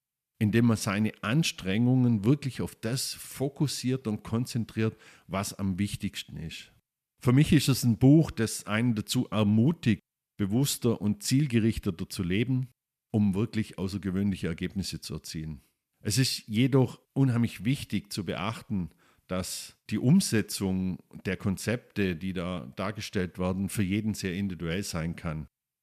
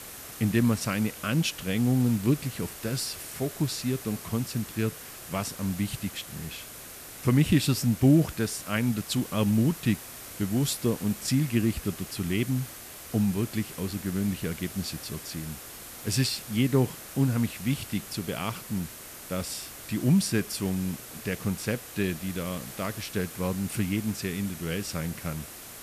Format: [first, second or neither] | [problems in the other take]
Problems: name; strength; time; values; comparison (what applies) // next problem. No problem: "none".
first | hiss; noticeable; throughout; 10 dB below the speech